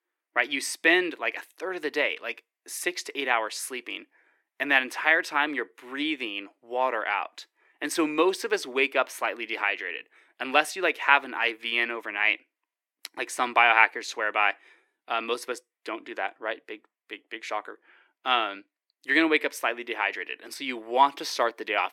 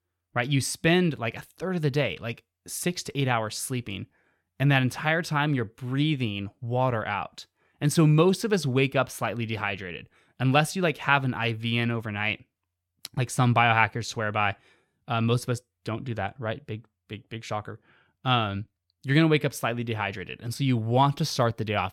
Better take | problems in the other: second | thin; very; fading below 300 Hz

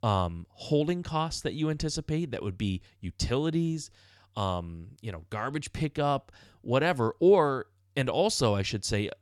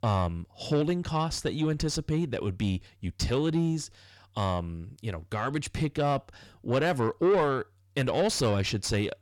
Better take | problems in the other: first | distortion; slight; 10 dB below the speech

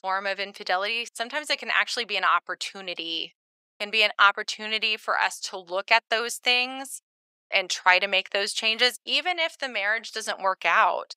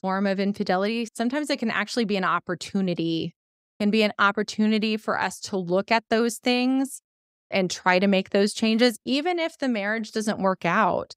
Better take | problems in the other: second | thin; very; fading below 850 Hz

